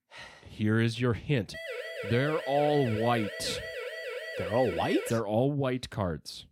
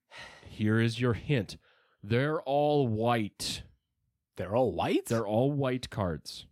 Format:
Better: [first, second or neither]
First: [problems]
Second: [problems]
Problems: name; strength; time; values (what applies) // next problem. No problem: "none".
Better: second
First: siren; noticeable; from 1.5 to 5 s; peak 7 dB below the speech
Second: none